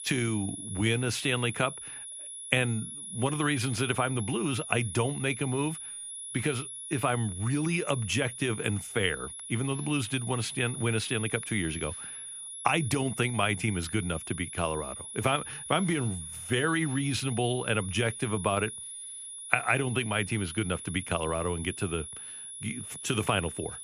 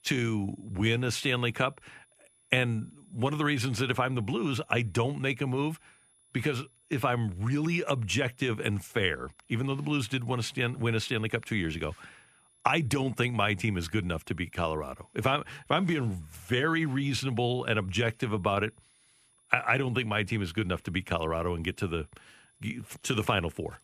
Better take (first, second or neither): second